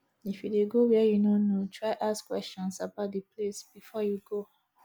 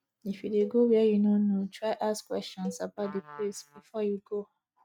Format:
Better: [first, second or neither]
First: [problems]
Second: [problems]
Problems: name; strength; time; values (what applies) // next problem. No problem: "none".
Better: first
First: none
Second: noise reduction (neural mask model RNNoise)